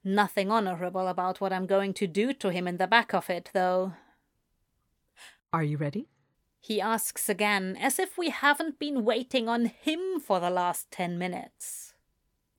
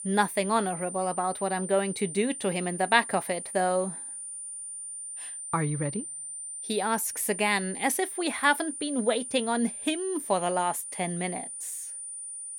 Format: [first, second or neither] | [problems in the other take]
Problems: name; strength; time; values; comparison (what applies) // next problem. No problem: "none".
first | high-pitched whine; loud; throughout; 9 kHz, 7 dB below the speech